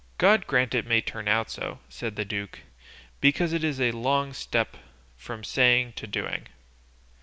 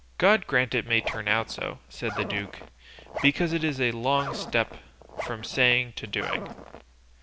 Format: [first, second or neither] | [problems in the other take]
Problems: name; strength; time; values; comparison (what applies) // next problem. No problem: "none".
first | background sound (Zipper (clothing)); 11 dB below the speech